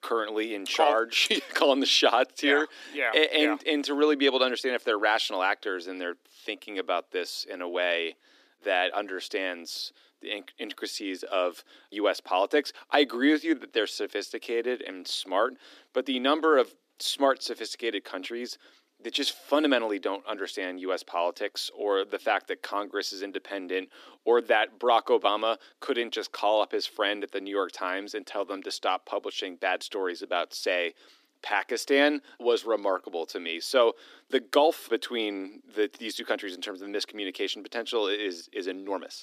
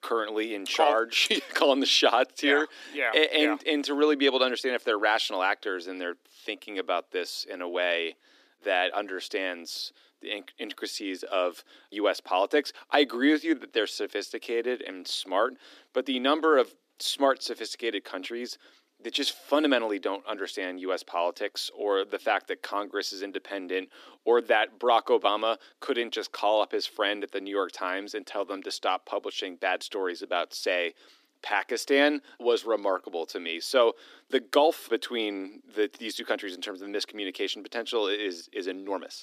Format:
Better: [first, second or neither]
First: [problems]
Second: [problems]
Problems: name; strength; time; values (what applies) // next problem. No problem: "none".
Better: neither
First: thin; very slightly; fading below 300 Hz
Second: thin; very slightly; fading below 300 Hz